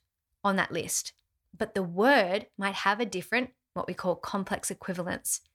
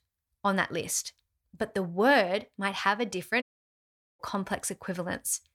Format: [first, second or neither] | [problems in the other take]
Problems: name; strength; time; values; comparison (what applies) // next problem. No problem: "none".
first | audio cutting out; at 3.5 s for 1 s